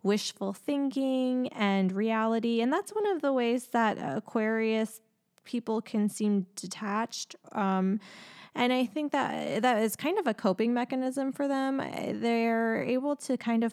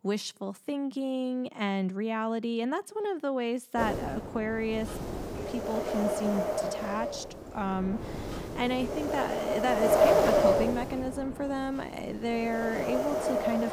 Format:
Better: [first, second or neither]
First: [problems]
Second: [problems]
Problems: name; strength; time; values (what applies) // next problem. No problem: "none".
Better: first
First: none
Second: wind noise on the microphone; heavy; from 4 s on; 5 dB above the speech